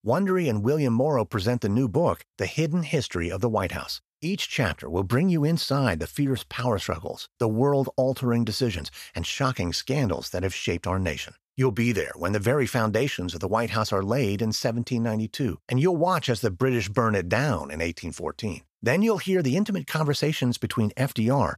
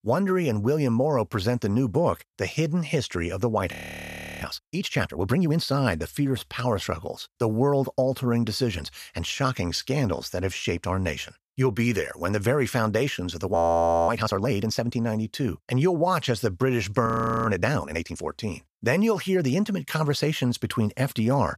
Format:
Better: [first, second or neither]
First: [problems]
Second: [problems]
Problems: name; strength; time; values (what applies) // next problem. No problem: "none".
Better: first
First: none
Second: audio freezing; at 3.5 s for 0.5 s, at 14 s for 0.5 s and at 17 s